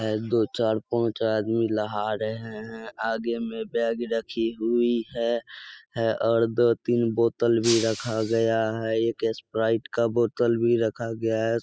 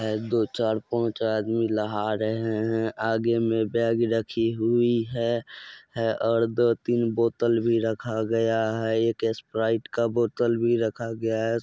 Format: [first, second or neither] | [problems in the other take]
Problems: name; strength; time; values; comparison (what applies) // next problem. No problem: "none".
second | noise reduction (classical method spectral subtraction)